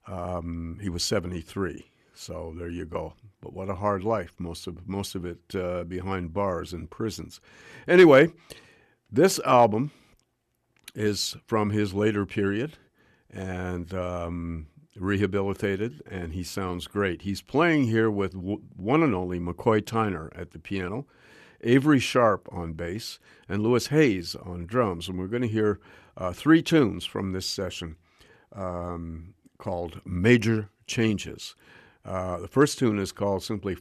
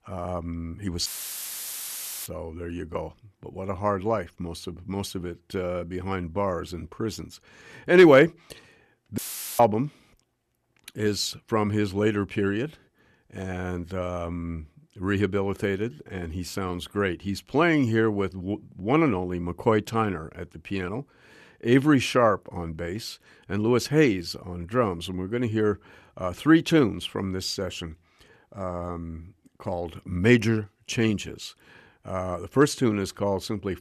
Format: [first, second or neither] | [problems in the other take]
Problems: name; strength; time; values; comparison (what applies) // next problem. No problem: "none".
first | audio cutting out; filled with static; at 1 s for 1 s and at 9 s